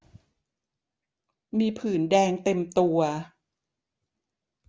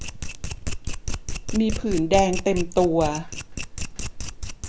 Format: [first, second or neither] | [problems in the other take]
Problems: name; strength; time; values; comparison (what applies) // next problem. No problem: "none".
first | background sound (Domestic sounds, home sounds); 3 dB below the speech